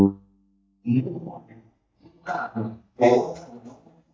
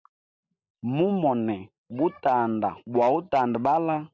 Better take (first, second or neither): second